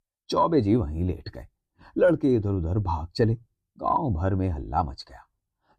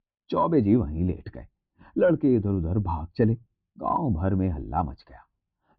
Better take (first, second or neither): first